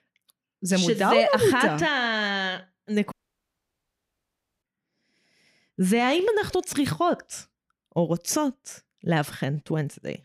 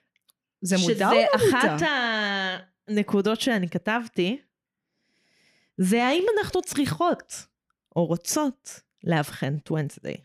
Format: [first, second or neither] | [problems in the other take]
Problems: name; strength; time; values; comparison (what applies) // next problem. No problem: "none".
second | audio cutting out; at 3 s for 1.5 s